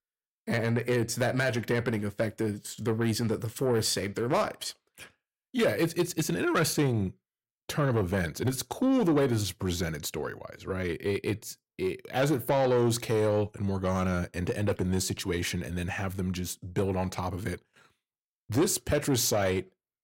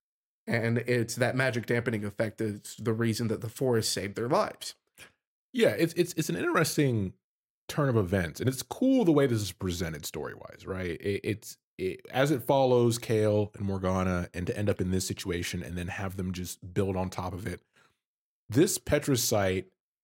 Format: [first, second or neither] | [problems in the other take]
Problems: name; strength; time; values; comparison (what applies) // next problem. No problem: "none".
second | distortion; slight; 10 dB below the speech